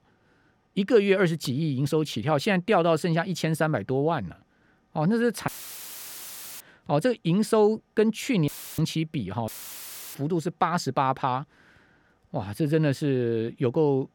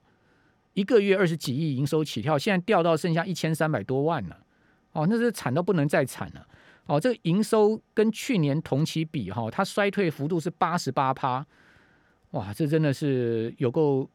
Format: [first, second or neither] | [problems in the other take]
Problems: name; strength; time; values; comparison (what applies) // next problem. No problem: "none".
second | audio cutting out; filled with static; at 5.5 s for 1 s, at 8.5 s and at 9.5 s for 0.5 s